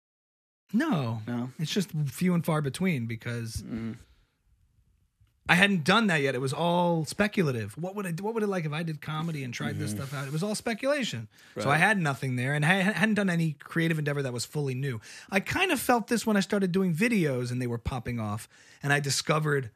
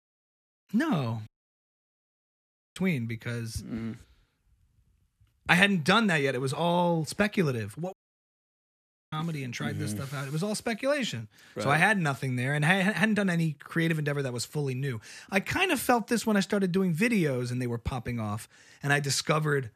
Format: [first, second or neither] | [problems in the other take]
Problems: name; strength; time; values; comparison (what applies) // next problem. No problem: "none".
first | audio cutting out; at 1.5 s for 1.5 s and at 8 s for 1 s